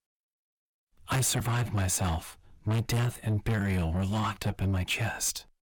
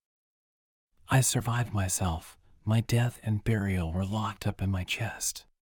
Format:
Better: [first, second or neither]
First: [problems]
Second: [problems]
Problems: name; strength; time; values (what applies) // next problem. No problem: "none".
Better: second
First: distortion; heavy; 7 dB below the speech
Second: none